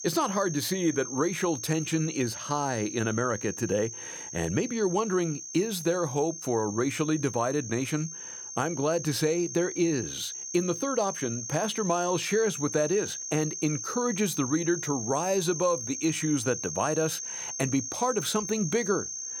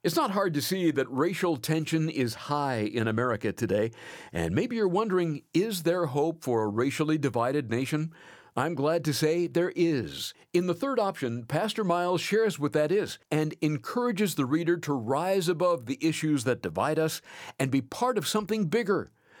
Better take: second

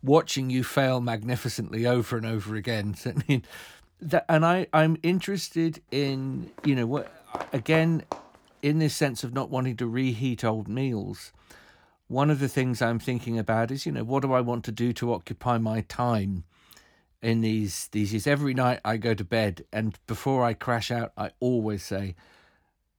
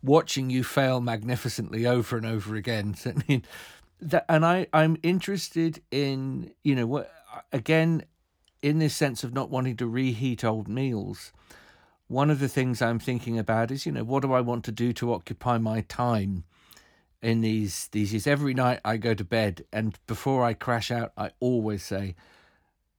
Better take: second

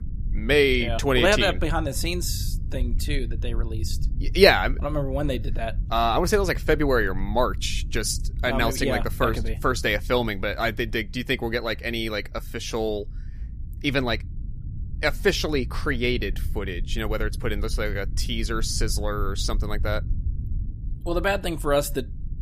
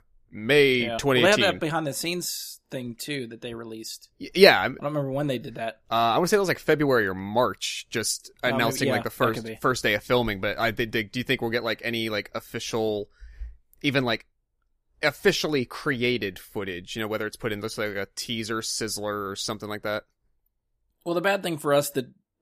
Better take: second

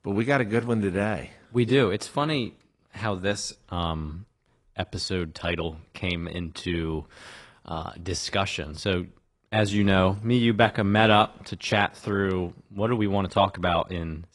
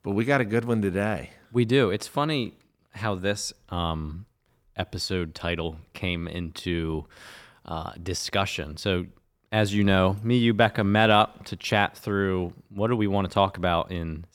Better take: second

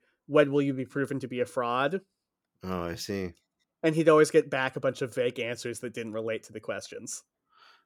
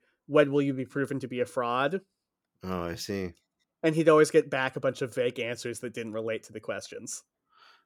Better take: neither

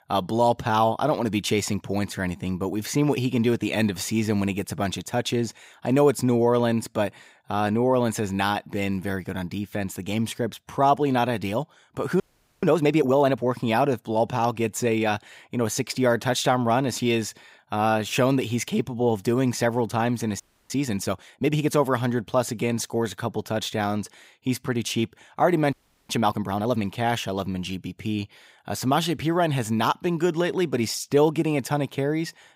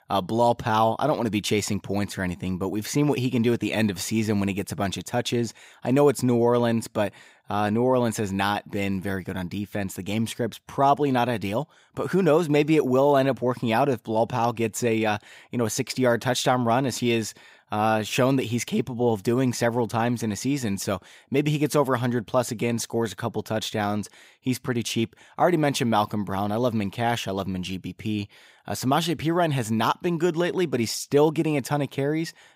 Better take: second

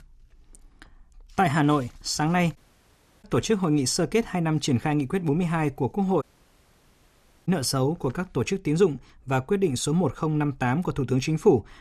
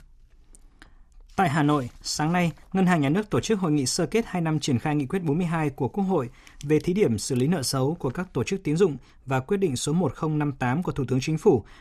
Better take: second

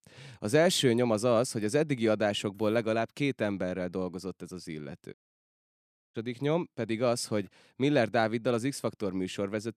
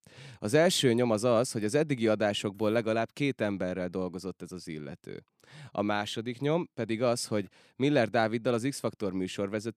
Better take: second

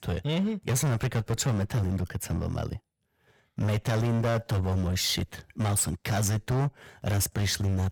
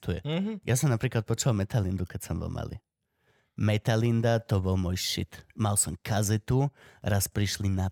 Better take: second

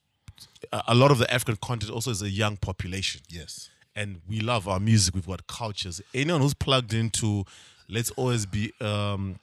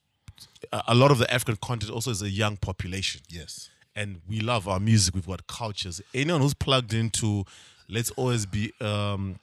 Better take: neither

